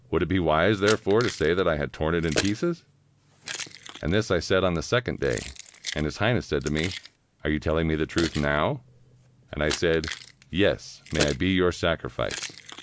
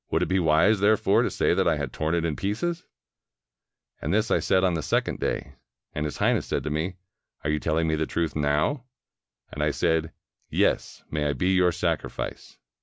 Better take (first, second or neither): second